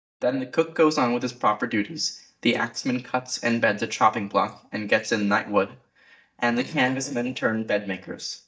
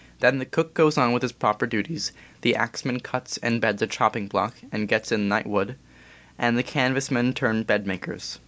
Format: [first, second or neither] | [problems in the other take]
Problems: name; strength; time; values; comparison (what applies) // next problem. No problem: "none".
second | noise reduction (neural mask model DeepFilterNet 3)